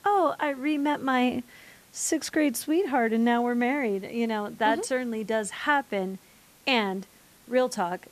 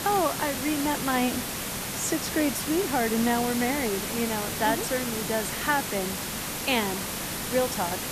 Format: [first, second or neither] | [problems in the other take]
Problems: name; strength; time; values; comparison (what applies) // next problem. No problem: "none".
first | hiss; loud; throughout; 2 dB below the speech; faint in the first